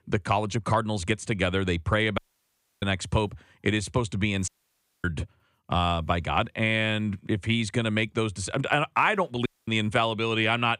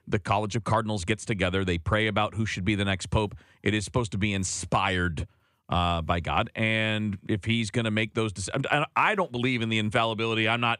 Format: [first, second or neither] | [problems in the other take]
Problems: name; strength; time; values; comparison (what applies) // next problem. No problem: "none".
second | audio cutting out; at 2 s for 0.5 s, at 4.5 s for 0.5 s and at 9.5 s